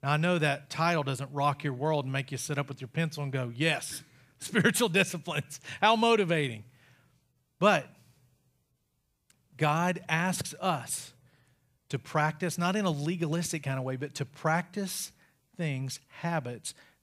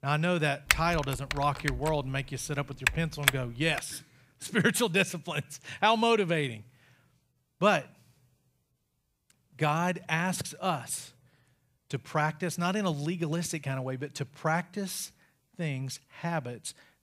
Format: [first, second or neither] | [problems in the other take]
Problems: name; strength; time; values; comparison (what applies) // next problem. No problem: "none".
first | keyboard typing; loud; from 0.5 to 4 s; peak 3 dB above the speech